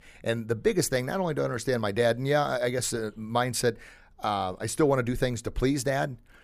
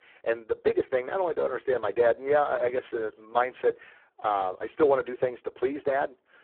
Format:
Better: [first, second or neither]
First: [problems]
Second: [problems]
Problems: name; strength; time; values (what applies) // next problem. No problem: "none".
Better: first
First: none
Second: phone-call audio; poor line; nothing above 3.5 kHz